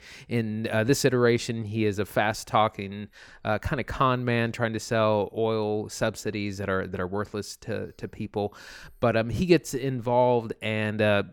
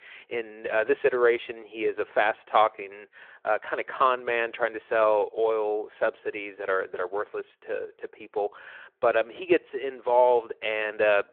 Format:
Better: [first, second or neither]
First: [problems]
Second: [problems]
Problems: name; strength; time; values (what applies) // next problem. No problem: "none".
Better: first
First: none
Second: phone-call audio